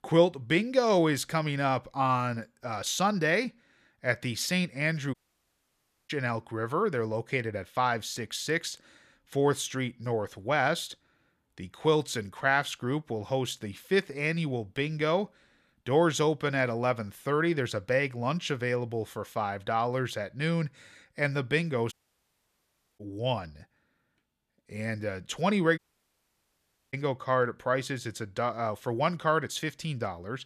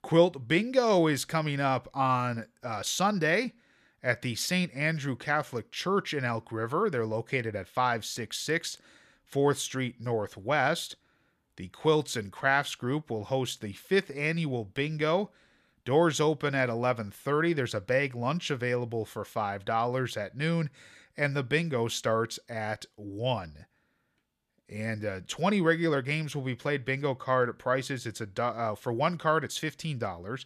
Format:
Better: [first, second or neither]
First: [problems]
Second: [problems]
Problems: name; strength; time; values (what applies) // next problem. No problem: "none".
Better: second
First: audio cutting out; at 5 s for 1 s, at 22 s for 1 s and at 26 s for 1 s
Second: none